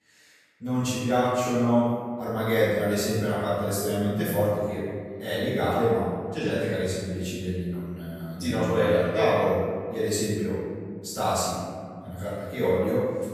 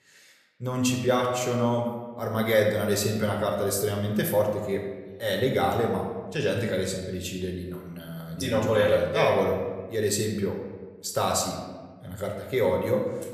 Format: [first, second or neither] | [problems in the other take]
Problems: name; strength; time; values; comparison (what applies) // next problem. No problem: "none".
second | room echo; strong; dies away in 1.8 s; slight in the second // off-mic speech; far